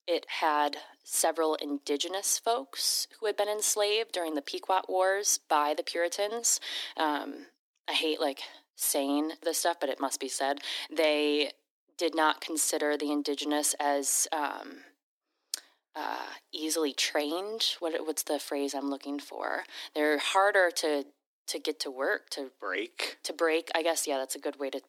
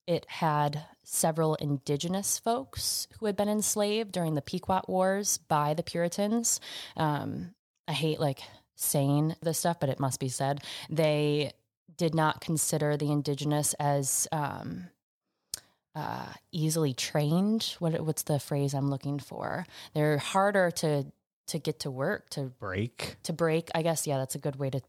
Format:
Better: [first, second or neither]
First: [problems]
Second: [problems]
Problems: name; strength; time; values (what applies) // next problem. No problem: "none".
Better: second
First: thin; somewhat; fading below 300 Hz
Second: none